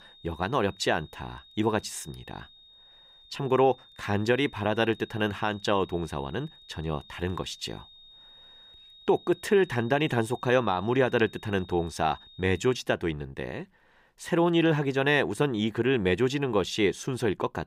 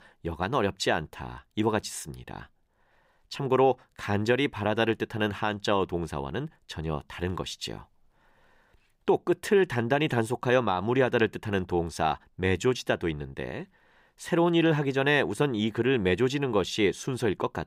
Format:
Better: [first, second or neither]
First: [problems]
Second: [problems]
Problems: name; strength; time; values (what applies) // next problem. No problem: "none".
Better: second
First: high-pitched whine; faint; until 13 s; 3.5 kHz, 25 dB below the speech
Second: none